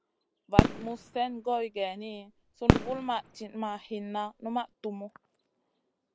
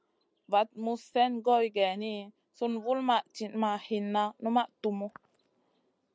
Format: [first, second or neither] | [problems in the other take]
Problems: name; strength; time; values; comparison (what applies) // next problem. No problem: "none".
second | background sound (Fireworks); 5 dB above the speech